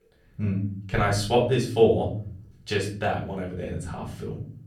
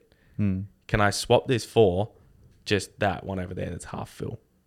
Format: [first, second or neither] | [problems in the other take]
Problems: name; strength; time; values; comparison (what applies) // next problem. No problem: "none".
second | off-mic speech; far // room echo; slight; dies away in 0.6 s